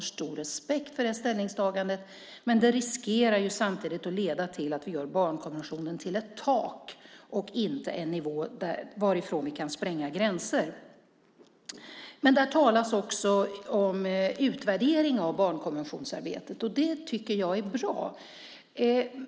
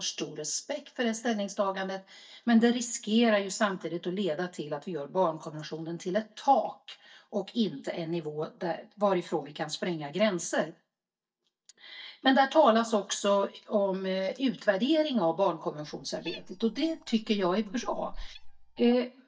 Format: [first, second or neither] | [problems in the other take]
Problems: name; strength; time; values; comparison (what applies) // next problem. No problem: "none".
first | noise reduction (neural mask model DeepFilterNet 3)